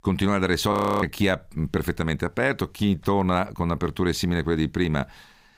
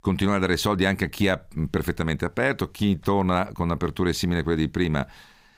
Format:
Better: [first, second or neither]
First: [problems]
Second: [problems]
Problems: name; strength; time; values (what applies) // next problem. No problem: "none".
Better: second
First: audio freezing; at 0.5 s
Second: none